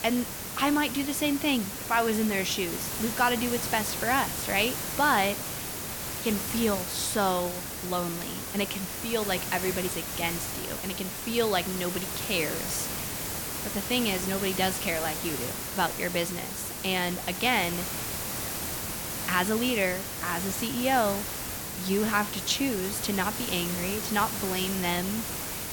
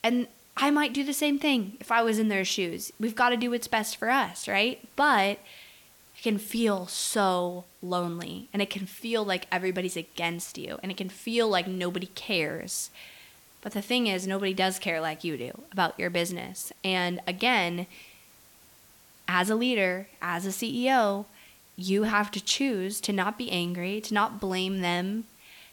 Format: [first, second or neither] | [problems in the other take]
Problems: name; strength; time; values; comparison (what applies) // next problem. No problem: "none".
second | hiss; loud; throughout; 3 dB below the speech; faint in the second